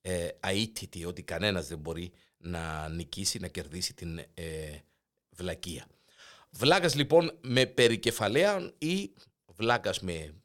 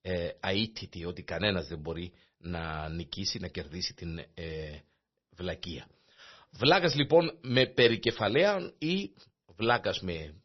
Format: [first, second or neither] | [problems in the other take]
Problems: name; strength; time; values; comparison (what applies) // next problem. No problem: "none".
first | garbled, watery; slightly; nothing above 6 kHz